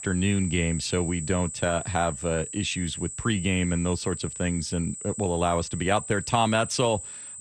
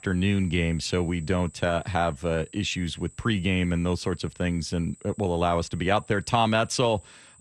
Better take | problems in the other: second | high-pitched whine; loud; throughout; 8 kHz, 8 dB below the speech; faint in the second

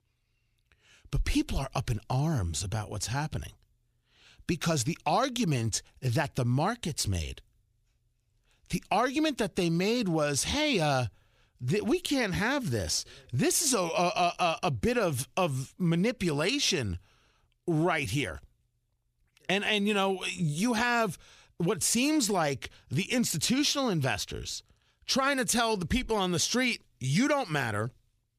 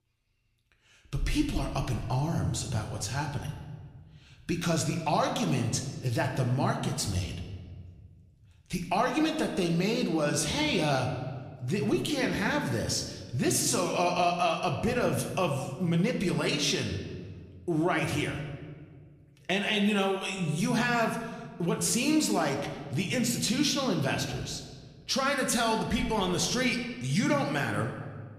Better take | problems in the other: first | room echo; slight; dies away in 1.2 s // off-mic speech; somewhat distant

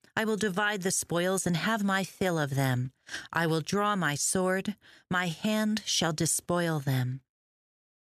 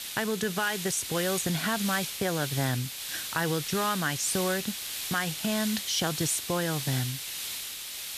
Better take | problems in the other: first | hiss; loud; throughout; 4 dB below the speech

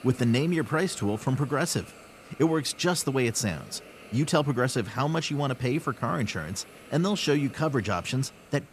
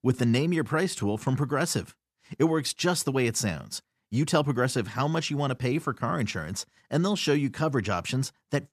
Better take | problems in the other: second | hiss; faint; throughout; 20 dB below the speech

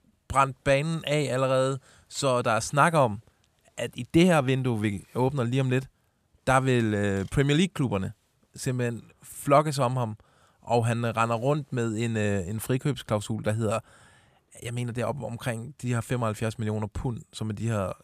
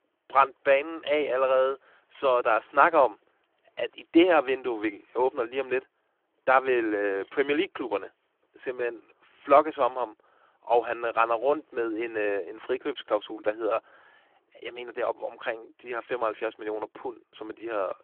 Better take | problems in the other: first | phone-call audio

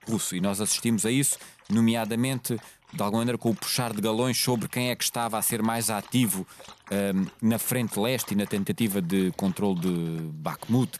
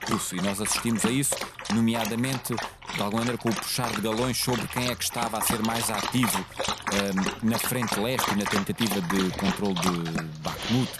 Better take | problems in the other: first | animal sounds; loud; throughout; 3 dB below the speech; faint in the first

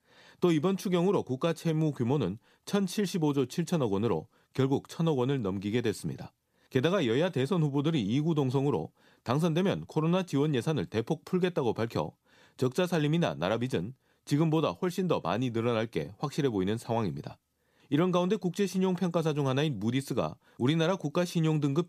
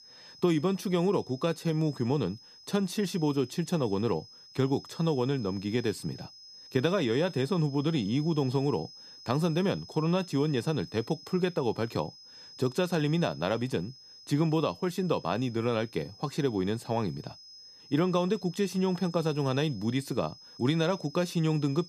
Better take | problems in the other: first | high-pitched whine; noticeable; throughout; 5 kHz, 20 dB below the speech

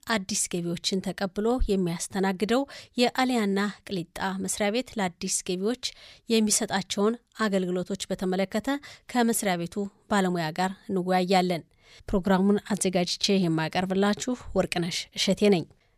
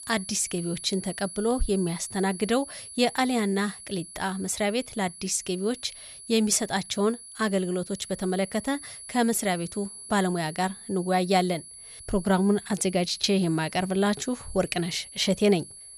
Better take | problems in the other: first | high-pitched whine; noticeable; throughout; 10.5 kHz, 15 dB below the speech

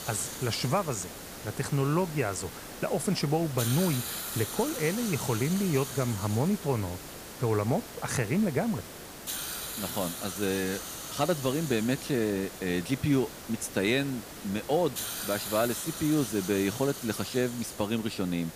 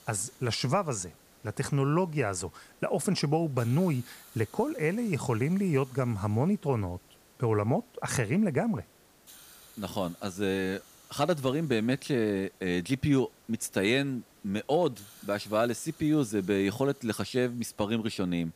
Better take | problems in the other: second | hiss; loud; throughout; 8 dB below the speech; faint in the second

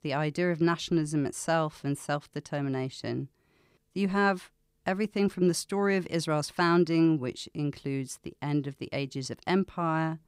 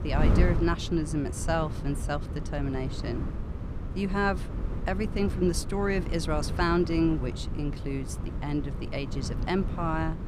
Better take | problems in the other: first | wind noise on the microphone; occasional gusts; 10 dB below the speech

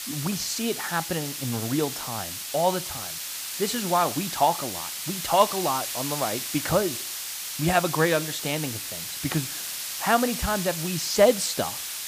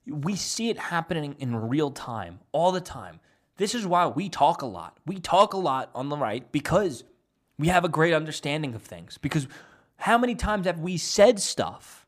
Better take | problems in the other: second | hiss; loud; throughout; 4 dB below the speech

